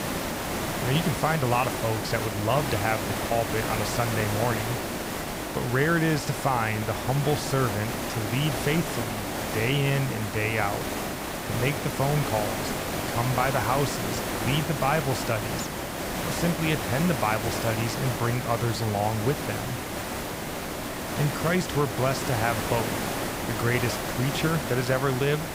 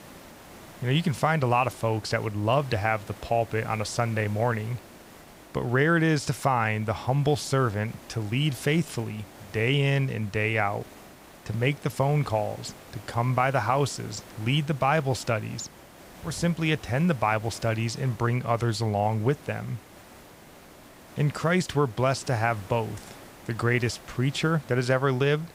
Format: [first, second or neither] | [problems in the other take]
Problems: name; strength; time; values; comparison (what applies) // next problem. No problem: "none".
second | hiss; loud; throughout; 3 dB below the speech; faint in the second